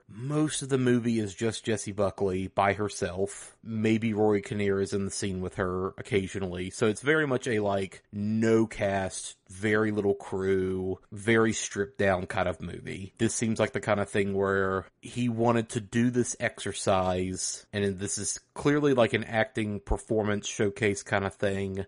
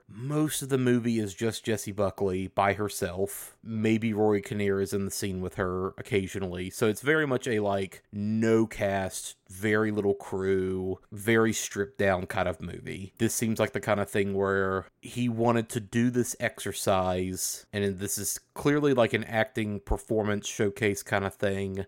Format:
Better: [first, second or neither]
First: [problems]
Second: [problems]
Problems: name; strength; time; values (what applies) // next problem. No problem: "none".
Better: second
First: garbled, watery; slightly; nothing above 10.5 kHz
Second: none